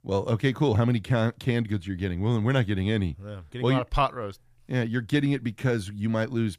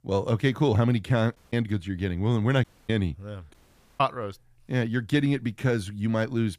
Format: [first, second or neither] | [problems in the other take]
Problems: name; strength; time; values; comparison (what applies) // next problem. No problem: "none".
first | audio cutting out; at 1.5 s, at 2.5 s and at 3.5 s